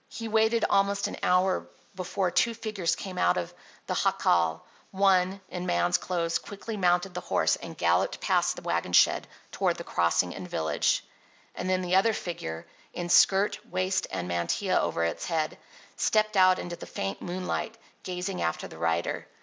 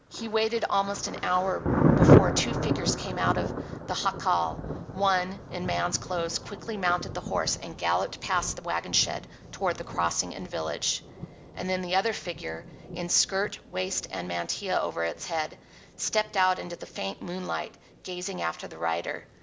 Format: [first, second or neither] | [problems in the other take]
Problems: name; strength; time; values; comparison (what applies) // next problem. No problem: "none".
first | background sound (Thunder); 1 dB below the speech